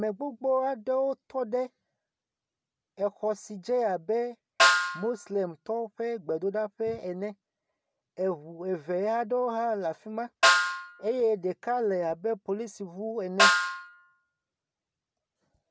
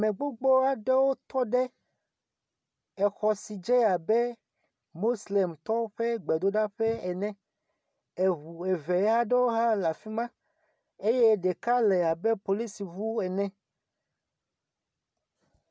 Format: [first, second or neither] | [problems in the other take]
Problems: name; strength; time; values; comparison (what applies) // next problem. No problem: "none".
second | background sound (Snare drum); 3 dB above the speech